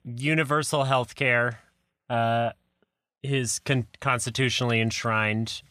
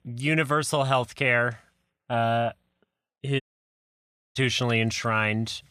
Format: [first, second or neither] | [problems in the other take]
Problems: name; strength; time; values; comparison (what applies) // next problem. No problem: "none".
first | audio cutting out; at 3.5 s for 1 s